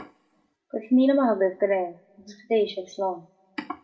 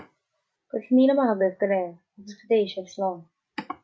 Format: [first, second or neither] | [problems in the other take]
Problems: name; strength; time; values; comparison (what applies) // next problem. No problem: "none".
second | room echo; dies away in 0.4 s